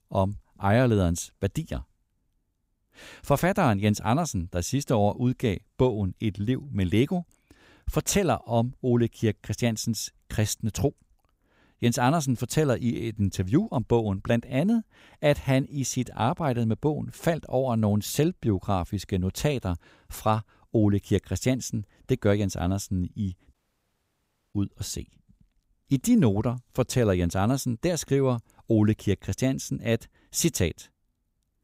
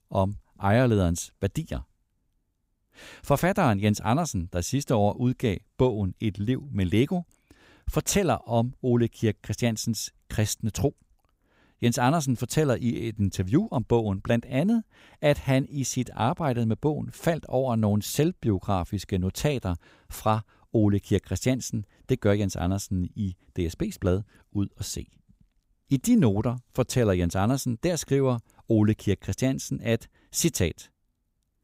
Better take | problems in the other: second | audio cutting out; at 24 s for 1 s

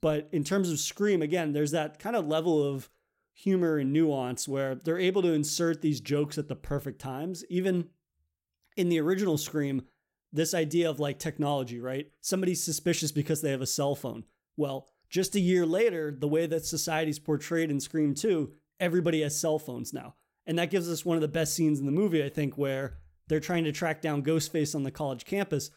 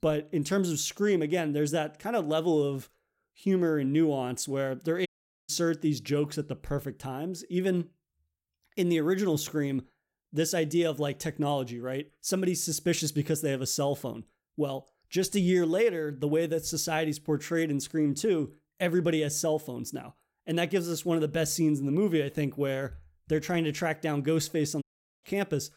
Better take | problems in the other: first | audio cutting out; at 5 s and at 25 s

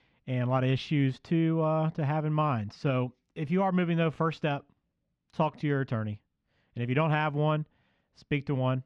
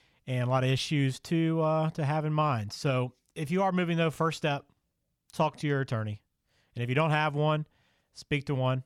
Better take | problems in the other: second | muffled; slightly; fading above 3 kHz

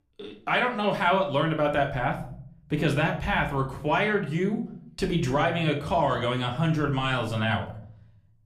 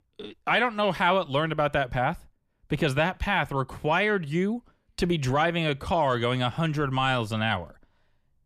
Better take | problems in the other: second | room echo; slight; dies away in 0.5 s // off-mic speech; somewhat distant

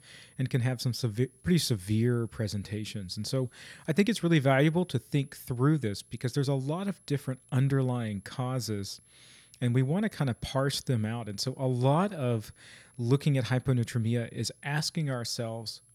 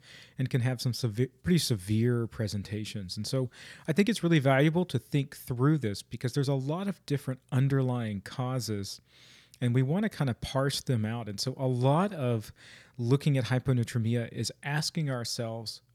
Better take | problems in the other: second | high-pitched whine; faint; throughout; 11 kHz, 30 dB below the speech

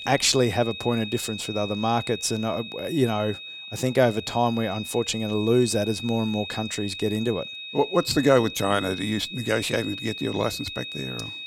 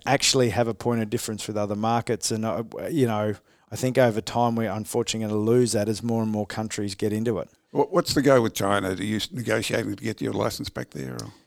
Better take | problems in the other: second | high-pitched whine; loud; throughout; 3.5 kHz, 9 dB below the speech

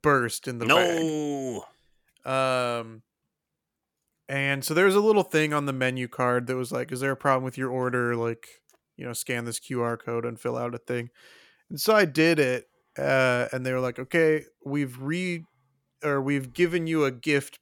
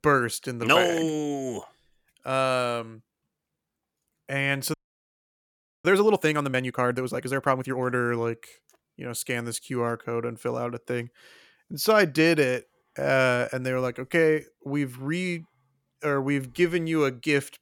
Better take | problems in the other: first | audio freezing; at 4.5 s for 1 s

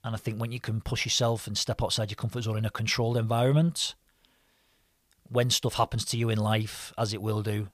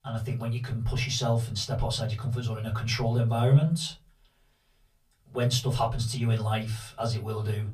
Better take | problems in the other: first | off-mic speech; far // room echo; very slight; dies away in 0.2 s

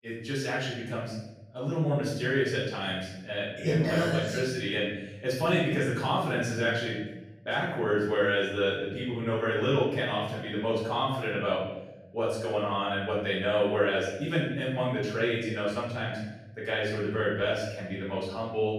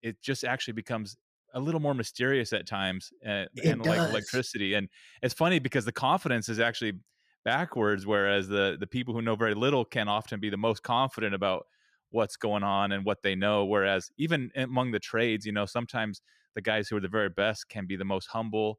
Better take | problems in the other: second | off-mic speech; far // room echo; noticeable; dies away in 0.9 s

